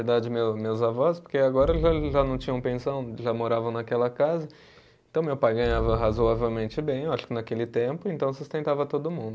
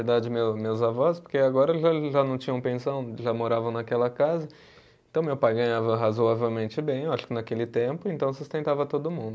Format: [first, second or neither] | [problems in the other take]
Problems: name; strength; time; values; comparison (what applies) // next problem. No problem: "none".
second | background sound (Explosion); 13 dB below the speech